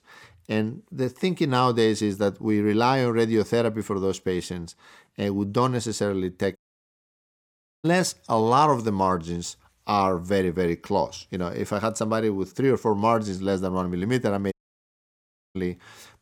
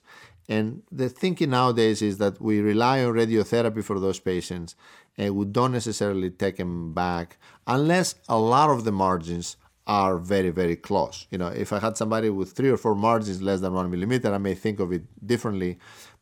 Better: second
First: audio cutting out; at 6.5 s for 1.5 s and at 15 s for 1 s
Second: none

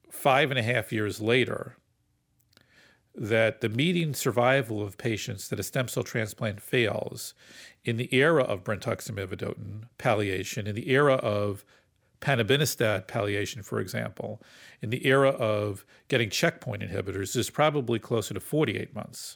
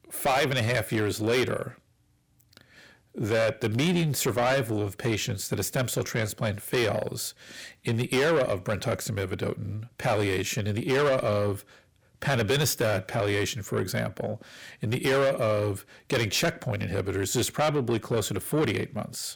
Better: first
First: none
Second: distortion; heavy; 7 dB below the speech

